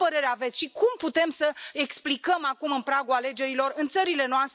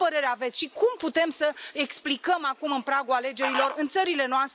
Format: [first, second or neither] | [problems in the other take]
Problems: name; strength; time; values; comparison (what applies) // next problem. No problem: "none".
first | background sound (Fowl); 13 dB below the speech